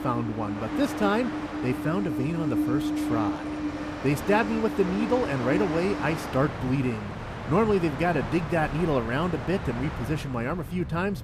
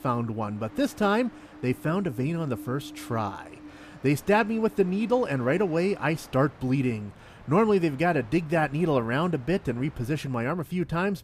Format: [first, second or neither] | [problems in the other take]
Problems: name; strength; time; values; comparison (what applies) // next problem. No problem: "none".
second | train or aircraft noise; loud; throughout; 4 dB below the speech; faint in the second